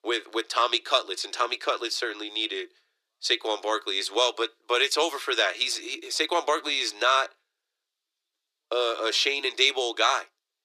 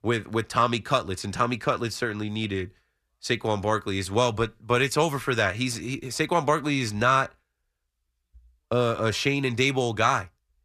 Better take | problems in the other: second | thin; very; fading below 350 Hz

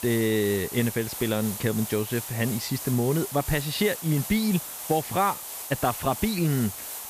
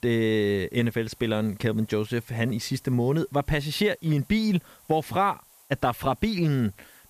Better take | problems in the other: second | hiss; loud; throughout; 7 dB below the speech; faint in the second

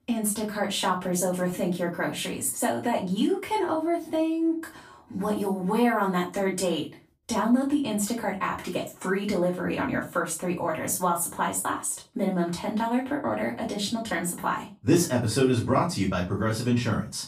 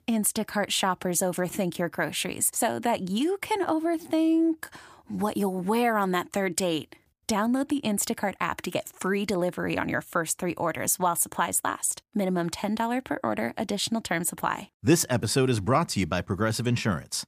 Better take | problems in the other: second | off-mic speech; far // room echo; slight; dies away in 0.2 s

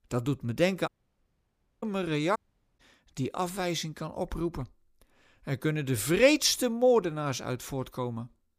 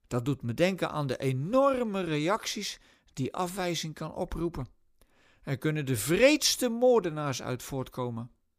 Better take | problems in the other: second | audio cutting out; at 1 s for 1 s and at 2.5 s

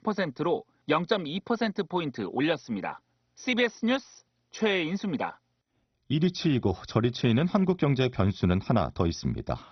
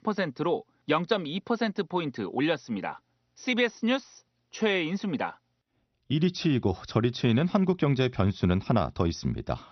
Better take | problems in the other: second | garbled, watery; badly; nothing above 6 kHz; slightly in the second

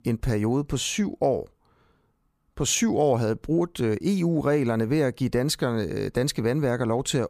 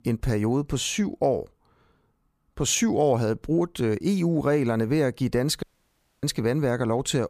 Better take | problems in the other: first | audio cutting out; at 5.5 s for 0.5 s

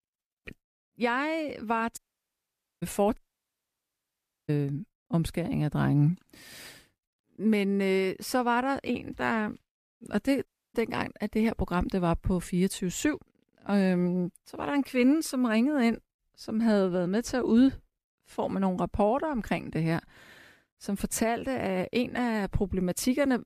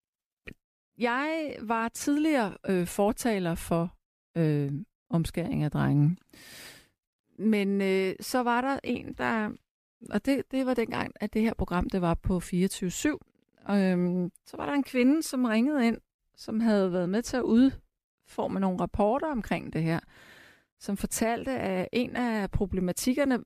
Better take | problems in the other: second | audio cutting out; at 2 s for 1 s, at 3 s for 1.5 s and at 10 s

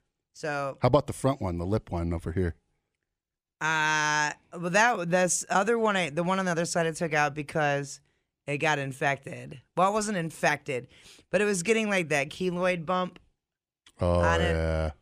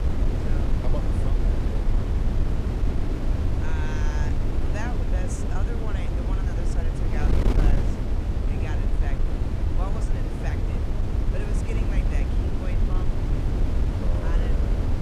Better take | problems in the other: first | wind noise on the microphone; heavy; 4 dB above the speech

